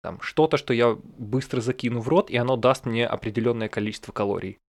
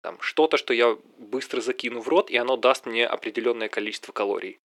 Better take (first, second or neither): first